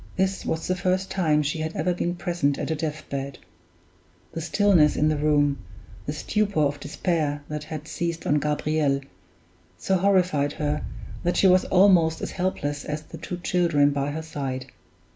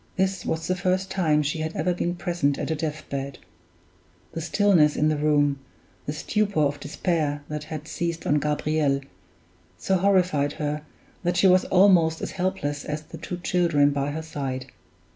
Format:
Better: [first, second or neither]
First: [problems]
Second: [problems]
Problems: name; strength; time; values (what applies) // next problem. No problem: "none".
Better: second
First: background sound (Boom); 15 dB below the speech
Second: none